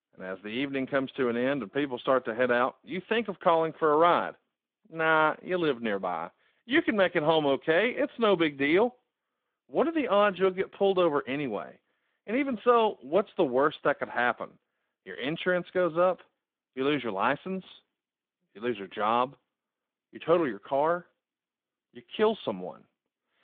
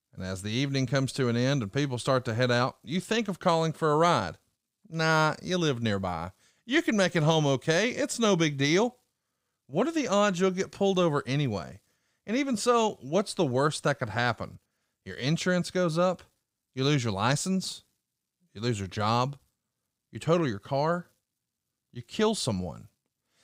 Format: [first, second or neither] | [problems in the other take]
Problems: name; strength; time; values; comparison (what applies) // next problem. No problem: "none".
second | phone-call audio